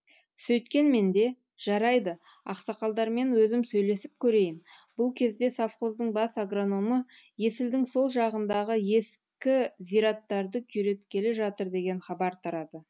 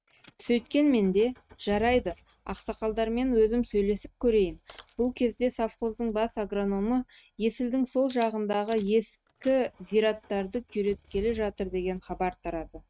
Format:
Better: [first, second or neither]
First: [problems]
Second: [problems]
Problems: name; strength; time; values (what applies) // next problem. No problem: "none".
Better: first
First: none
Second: noise reduction (neural mask model RNNoise)